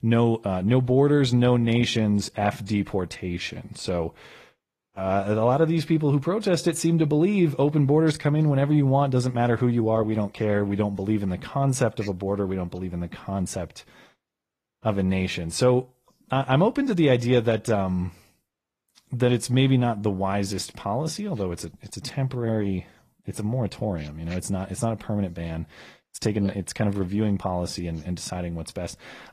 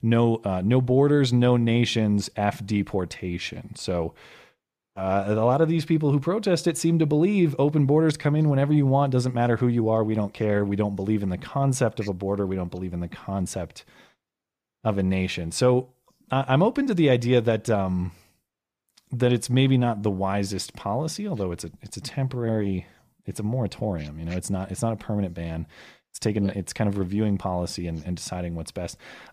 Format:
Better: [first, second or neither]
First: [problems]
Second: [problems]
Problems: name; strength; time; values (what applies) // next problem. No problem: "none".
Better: second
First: garbled, watery; slightly; nothing above 15 kHz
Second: none